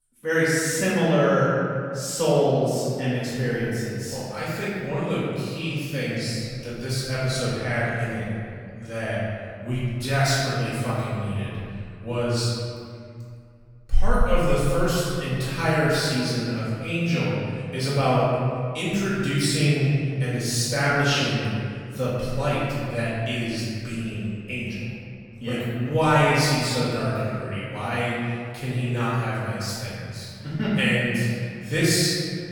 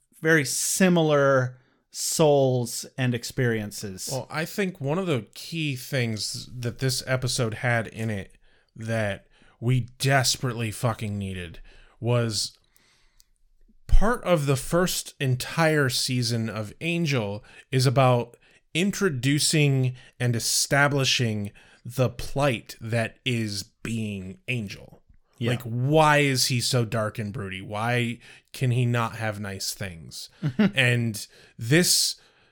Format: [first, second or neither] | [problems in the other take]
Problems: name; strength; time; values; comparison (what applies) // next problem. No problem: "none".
second | off-mic speech; far // room echo; strong; dies away in 2.1 s